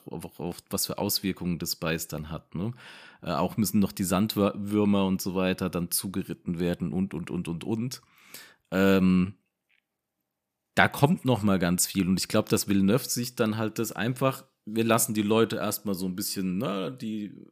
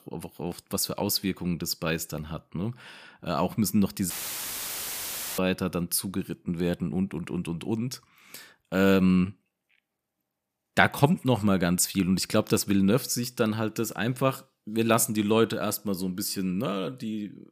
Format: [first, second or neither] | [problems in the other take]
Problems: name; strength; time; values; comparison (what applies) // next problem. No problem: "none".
first | audio cutting out; filled with static; at 4 s for 1.5 s